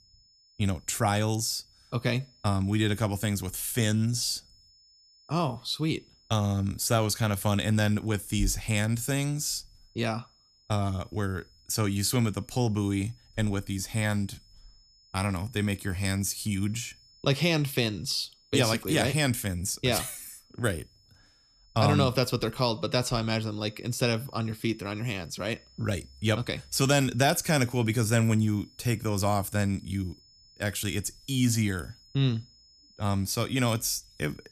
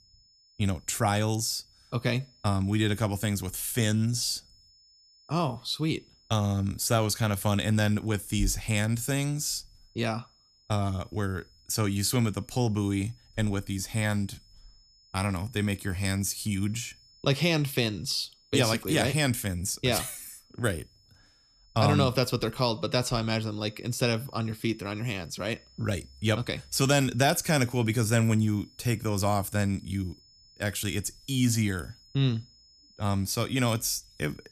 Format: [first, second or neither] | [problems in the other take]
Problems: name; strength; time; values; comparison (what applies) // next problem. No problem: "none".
neither | high-pitched whine; faint; throughout; 5 kHz, 30 dB below the speech; the same in both